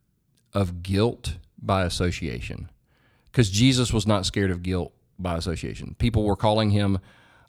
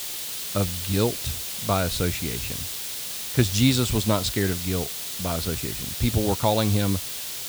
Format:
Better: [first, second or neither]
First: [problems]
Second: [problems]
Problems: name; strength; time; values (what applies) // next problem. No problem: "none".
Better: first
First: none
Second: hiss; loud; throughout; 4 dB below the speech